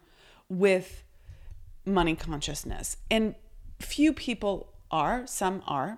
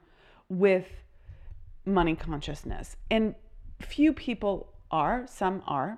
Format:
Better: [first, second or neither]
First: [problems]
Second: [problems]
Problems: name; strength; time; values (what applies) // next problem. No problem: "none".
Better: first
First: none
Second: muffled; slightly; fading above 4 kHz